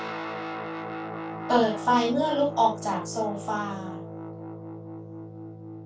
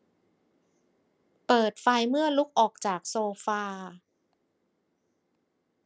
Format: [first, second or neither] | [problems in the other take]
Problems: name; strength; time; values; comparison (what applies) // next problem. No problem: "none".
second | background sound (Guitar); 7 dB below the speech // room echo; dies away in 0.2 s